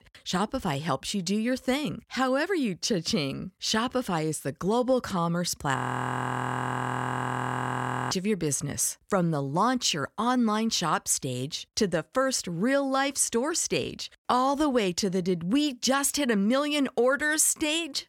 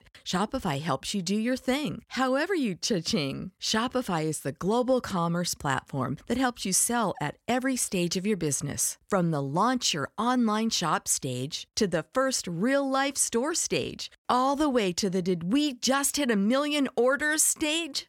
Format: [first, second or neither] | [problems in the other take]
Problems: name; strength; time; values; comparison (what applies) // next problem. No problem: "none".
second | audio freezing; at 6 s for 2.5 s